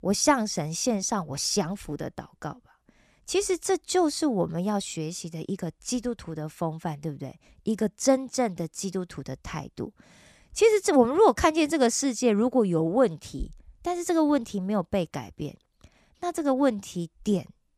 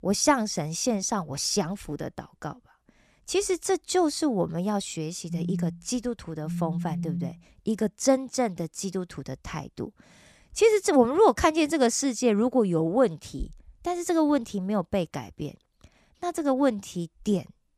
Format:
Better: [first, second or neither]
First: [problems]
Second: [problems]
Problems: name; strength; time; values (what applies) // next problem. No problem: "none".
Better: first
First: none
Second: phone ringing; noticeable; from 5.5 to 7.5 s; peak 5 dB below the speech